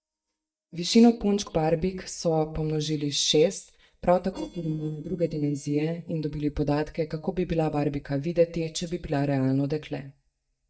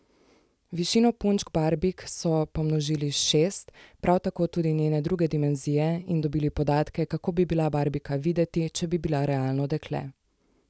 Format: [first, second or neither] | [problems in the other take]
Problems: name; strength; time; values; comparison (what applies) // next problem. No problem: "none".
second | noise reduction (neural mask model DeepFilterNet 3)